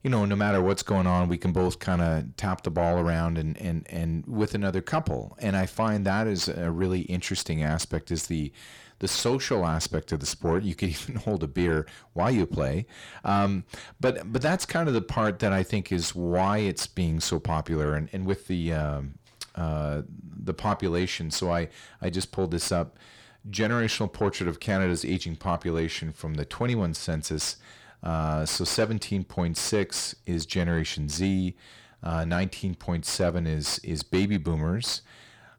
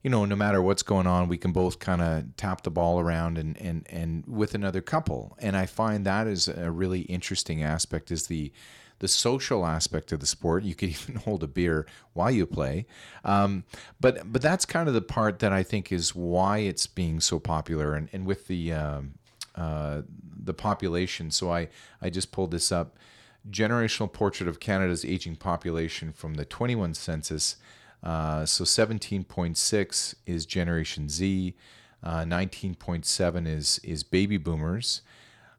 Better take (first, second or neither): second